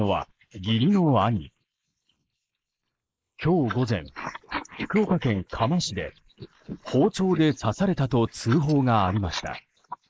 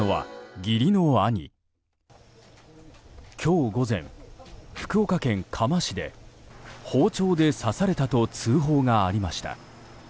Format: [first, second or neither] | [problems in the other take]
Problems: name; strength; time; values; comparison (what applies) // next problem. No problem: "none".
second | noise reduction (neural mask model Resemble Enhance denoiser)